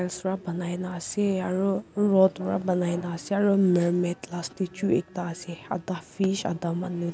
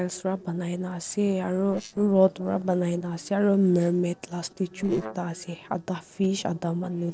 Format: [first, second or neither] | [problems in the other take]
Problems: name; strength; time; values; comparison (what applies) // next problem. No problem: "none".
first | noise reduction (neural separator model SepFormer DNS4)